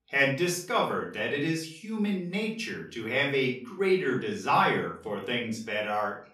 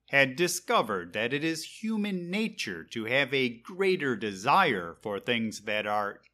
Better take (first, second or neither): second